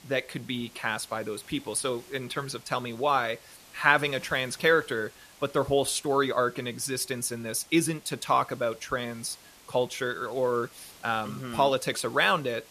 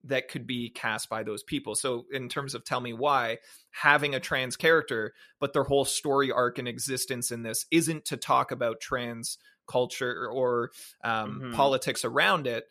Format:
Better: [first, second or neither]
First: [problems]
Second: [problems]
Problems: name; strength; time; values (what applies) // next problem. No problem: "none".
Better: second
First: hiss; faint; throughout; 25 dB below the speech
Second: none